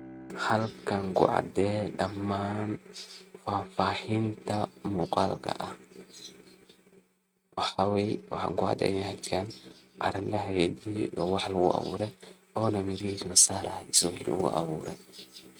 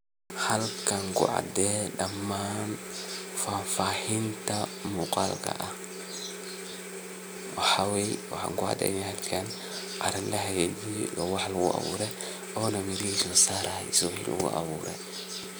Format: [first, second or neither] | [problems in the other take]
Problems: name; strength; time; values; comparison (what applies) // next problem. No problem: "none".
second | noise reduction (neural mask model RNNoise)